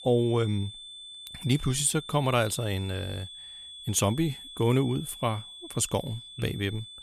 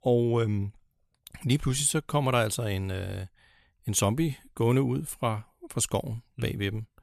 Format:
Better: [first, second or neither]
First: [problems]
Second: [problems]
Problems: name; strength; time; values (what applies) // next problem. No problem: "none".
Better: second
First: high-pitched whine; noticeable; throughout; 3.5 kHz, 15 dB below the speech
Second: none